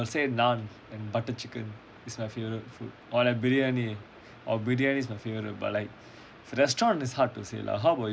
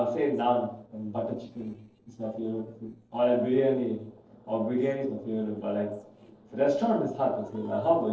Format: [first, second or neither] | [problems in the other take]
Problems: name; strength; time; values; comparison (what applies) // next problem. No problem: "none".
first | noise reduction (neural separator model SepFormer DNS4)